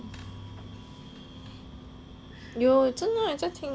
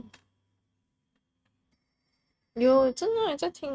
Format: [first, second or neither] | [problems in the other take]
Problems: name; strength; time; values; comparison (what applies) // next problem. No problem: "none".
first | noise reduction (neural mask model RNNoise)